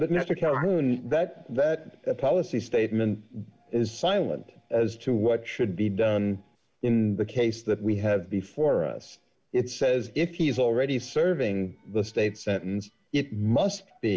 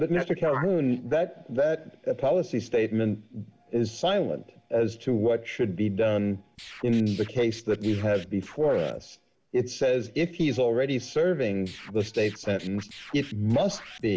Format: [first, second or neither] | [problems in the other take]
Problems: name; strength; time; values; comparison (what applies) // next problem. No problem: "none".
first | background sound (Scratching (performance technique)); 19 dB below the speech